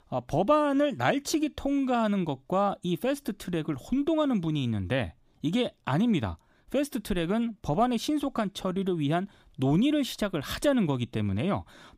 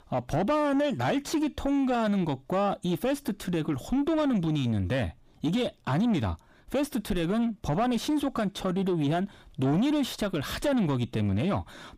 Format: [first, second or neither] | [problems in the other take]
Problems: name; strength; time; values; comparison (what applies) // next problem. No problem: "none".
first | distortion; slight; 10 dB below the speech